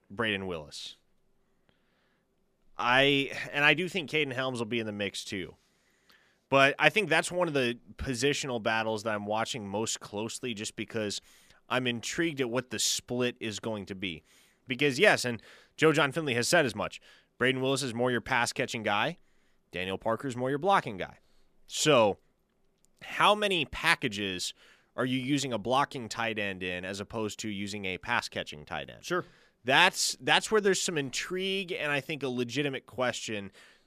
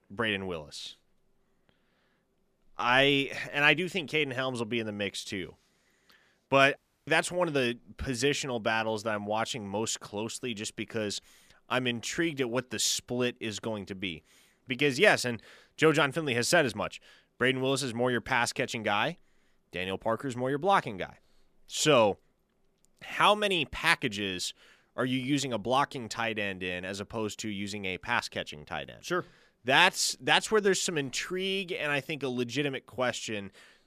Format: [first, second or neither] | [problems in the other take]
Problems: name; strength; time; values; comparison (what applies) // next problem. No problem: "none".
first | audio cutting out; at 7 s